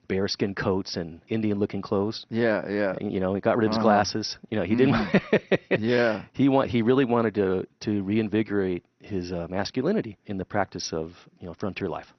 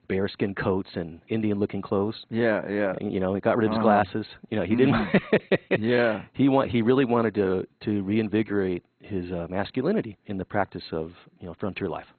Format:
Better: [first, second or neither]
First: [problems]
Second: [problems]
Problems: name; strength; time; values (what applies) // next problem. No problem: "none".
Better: first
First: garbled, watery; slightly; nothing above 6 kHz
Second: garbled, watery; badly; nothing above 4 kHz